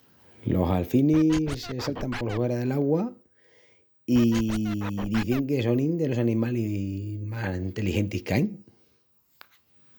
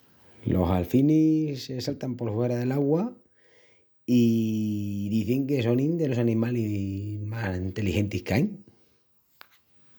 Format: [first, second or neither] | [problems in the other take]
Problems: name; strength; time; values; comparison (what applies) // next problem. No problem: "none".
second | background sound (Scratching (performance technique)); 10 dB below the speech